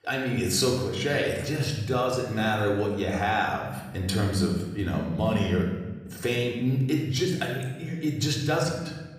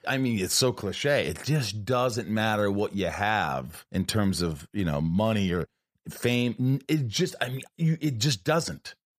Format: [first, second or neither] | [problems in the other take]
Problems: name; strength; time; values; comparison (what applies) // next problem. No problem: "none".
second | room echo; noticeable; dies away in 1.1 s // off-mic speech; far